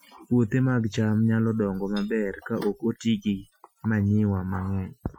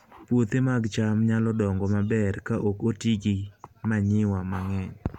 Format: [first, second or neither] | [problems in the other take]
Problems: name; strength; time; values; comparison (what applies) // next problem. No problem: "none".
second | noise reduction (classical method Wiener filter)